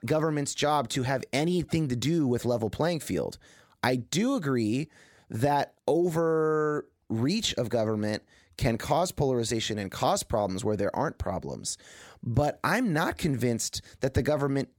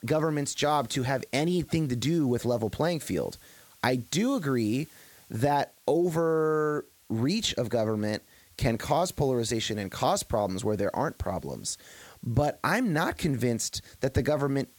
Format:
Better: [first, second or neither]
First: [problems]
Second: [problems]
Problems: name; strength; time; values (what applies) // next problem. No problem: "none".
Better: first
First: none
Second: hiss; faint; throughout; 25 dB below the speech